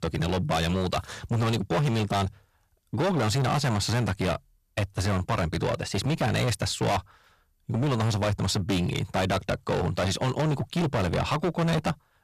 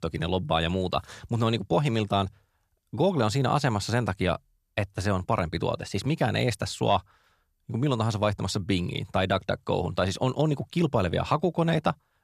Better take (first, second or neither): second